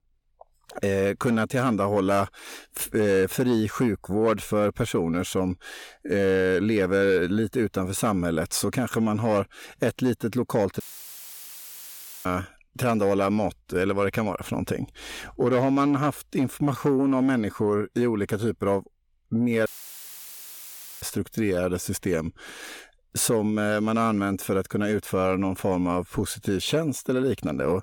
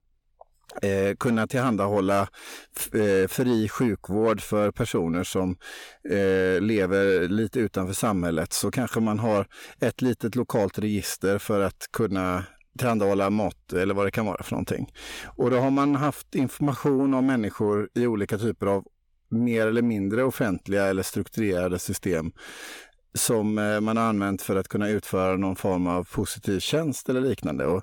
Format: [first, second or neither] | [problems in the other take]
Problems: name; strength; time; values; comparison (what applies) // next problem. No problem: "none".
second | audio cutting out; filled with static; at 11 s for 1.5 s and at 20 s for 1.5 s